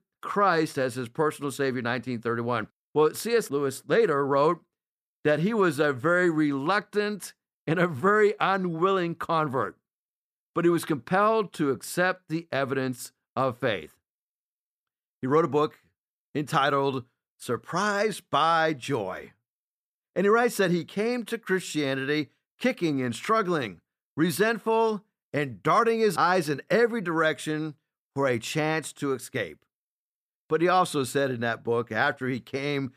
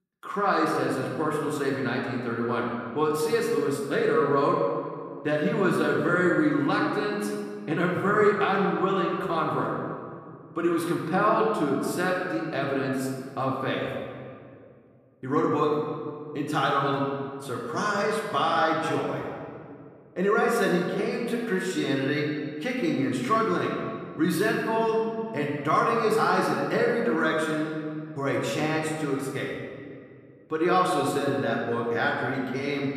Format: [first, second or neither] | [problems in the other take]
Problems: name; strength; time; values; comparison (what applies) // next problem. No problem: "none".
first | room echo; noticeable; dies away in 1.8 s // off-mic speech; far